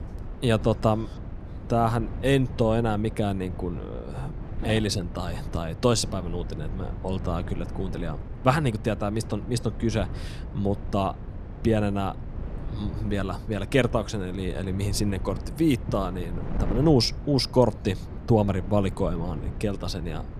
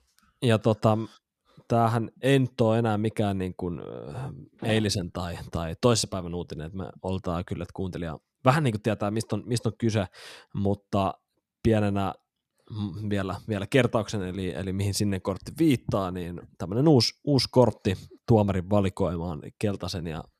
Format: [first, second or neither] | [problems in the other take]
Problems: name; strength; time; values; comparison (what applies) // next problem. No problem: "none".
second | wind noise on the microphone; occasional gusts; 15 dB below the speech